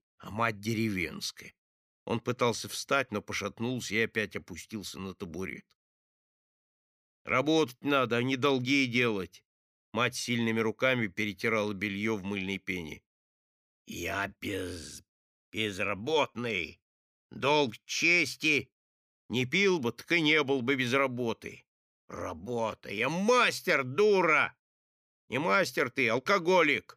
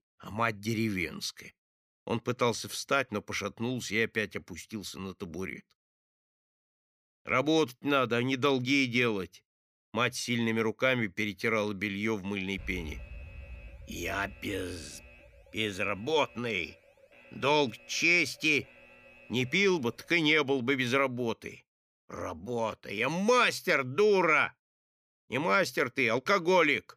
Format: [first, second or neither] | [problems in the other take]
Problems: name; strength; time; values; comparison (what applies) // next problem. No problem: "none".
first | alarm; faint; from 13 to 20 s; peak 15 dB below the speech